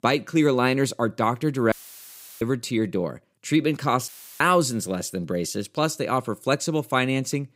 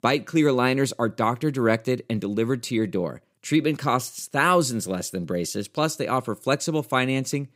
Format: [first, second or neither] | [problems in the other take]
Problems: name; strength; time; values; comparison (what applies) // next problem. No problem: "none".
second | audio cutting out; filled with static; at 1.5 s for 0.5 s and at 4 s